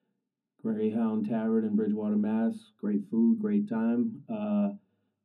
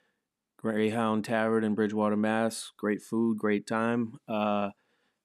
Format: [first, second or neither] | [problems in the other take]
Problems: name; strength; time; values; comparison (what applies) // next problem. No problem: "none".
second | room echo; slight; dies away in 0.3 s // off-mic speech; far